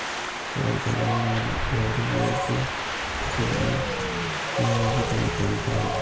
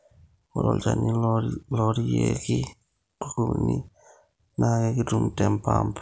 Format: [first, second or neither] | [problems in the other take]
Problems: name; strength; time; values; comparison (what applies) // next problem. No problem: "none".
second | background sound (Wind); as loud as the speech // room echo; dies away in 1.4 s